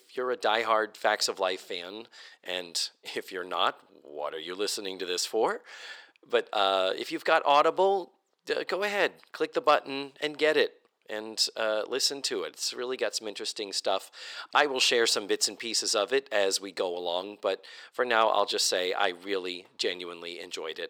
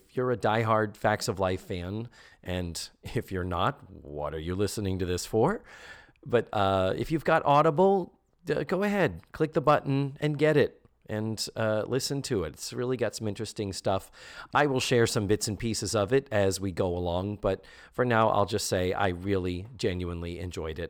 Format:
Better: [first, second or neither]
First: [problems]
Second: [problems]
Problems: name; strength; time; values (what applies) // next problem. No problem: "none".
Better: second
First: thin; very; fading below 350 Hz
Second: none